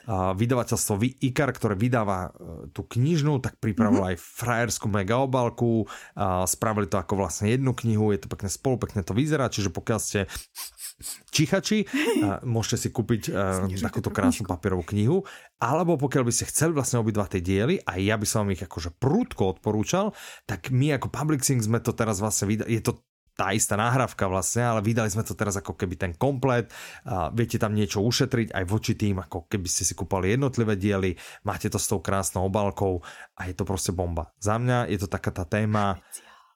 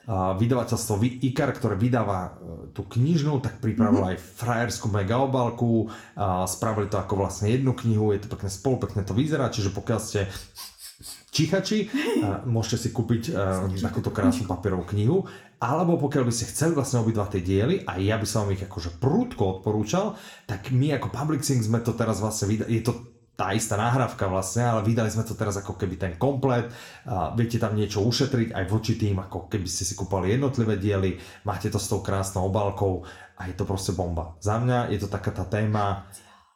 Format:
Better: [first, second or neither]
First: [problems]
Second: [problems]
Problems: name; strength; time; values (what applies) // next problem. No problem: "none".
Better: first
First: none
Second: room echo; very slight; dies away in 0.4 s